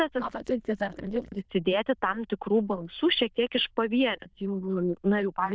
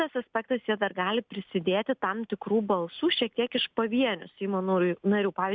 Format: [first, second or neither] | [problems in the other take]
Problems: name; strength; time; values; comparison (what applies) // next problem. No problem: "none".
second | noise reduction (neural diffusion model UNIVERSE++)